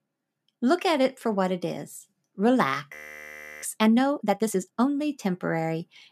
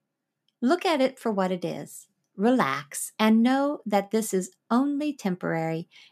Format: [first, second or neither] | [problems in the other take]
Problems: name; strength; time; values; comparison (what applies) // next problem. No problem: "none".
second | audio freezing; at 3 s for 0.5 s